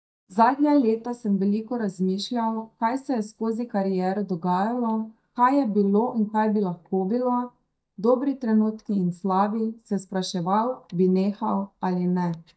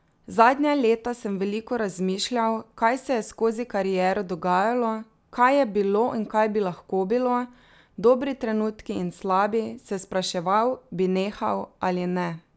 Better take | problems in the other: second | noise reduction (neural mask model DeepFilterNet 3)

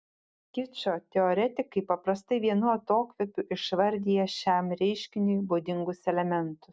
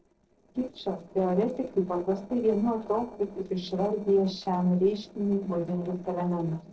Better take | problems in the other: first | noise reduction (neural separator model SepFormer DNS4)

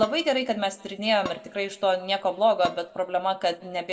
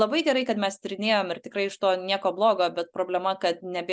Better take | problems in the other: second | background sound (Dishes, pots, and pans); 16 dB below the speech // room echo; dies away in 1.2 s

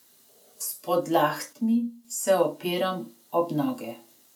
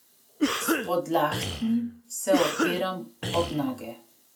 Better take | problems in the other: first | background sound (Cough); 2 dB below the speech

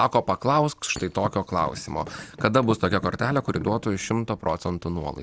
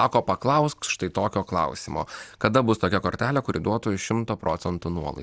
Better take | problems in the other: second | background sound (Thump, thud); 14 dB below the speech

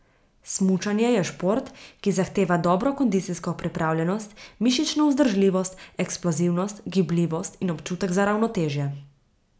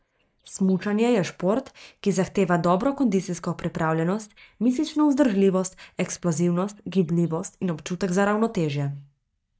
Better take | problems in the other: first | noise reduction (neural mask model DeepFilterNet 3)

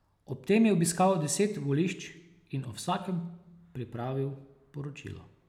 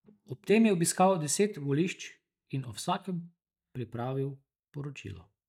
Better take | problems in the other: first | noise reduction (neural mask model DeepFilterNet 3)

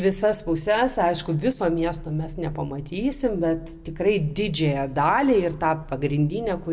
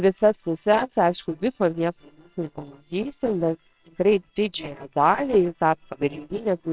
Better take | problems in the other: first | noise reduction (neural separator model SepFormer WHAMR!)

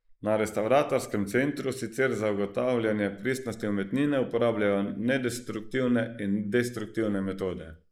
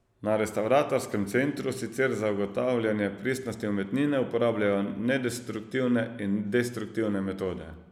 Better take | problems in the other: second | noise reduction (neural mask model Resemble Enhance denoiser)

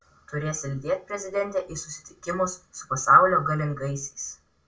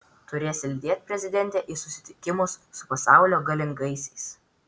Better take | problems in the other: second | room echo; dies away in 0.2 s

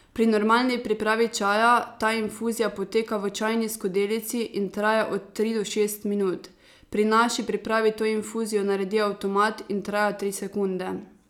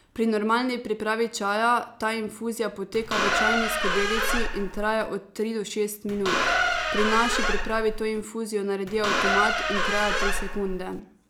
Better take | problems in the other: first | background sound (Squeak); 2 dB above the speech

